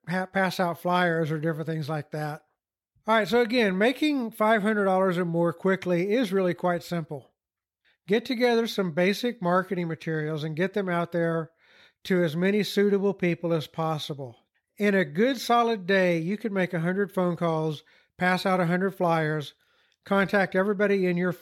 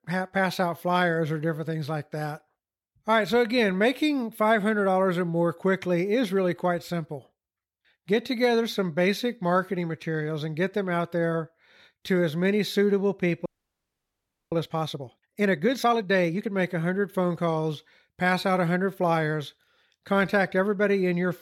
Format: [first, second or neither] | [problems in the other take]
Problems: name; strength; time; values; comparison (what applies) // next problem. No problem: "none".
first | audio freezing; at 13 s for 1 s